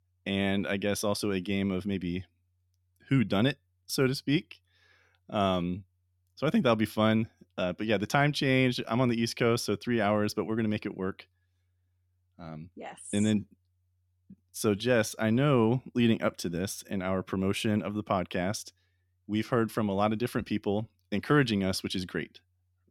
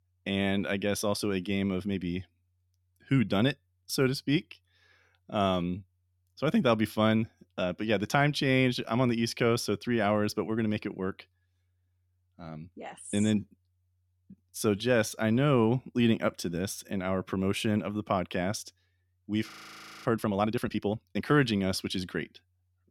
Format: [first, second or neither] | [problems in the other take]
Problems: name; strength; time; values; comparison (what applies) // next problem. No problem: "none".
first | audio freezing; at 20 s for 0.5 s